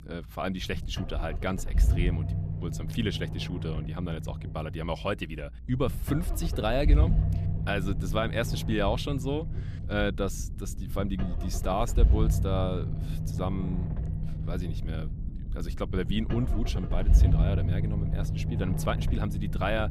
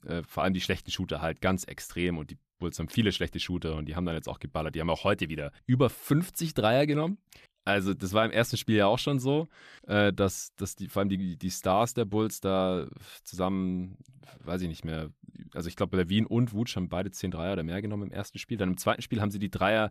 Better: second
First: low rumble; loud; throughout; 10 dB below the speech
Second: none

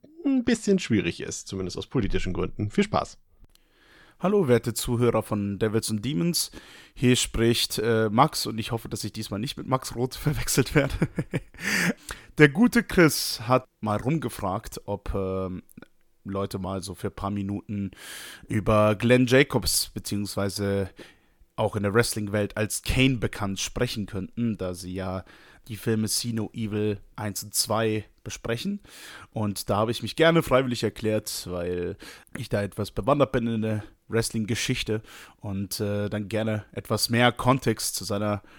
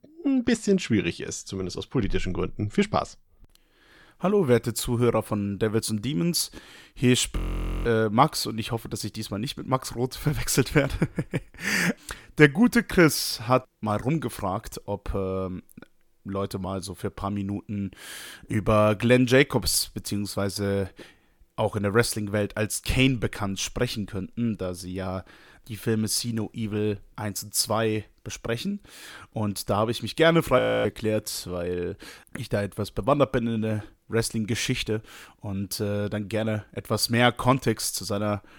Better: first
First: none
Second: audio freezing; at 7.5 s and at 31 s

